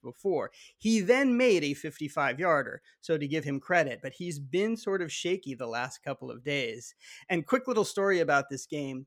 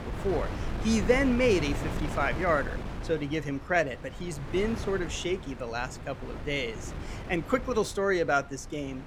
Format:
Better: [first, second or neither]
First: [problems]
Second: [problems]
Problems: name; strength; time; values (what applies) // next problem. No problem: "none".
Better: first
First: none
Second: wind noise on the microphone; occasional gusts; 10 dB below the speech